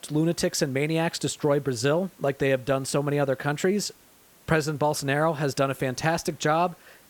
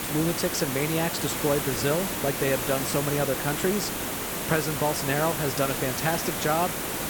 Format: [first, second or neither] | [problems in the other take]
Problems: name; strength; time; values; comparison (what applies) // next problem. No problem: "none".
first | hiss; loud; throughout; 1 dB below the speech; faint in the first